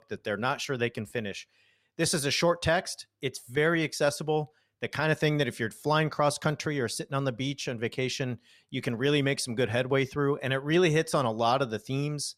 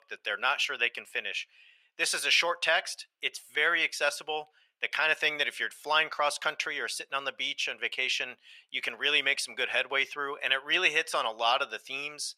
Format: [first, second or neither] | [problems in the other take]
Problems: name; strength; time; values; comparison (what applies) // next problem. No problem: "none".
first | thin; very; fading below 750 Hz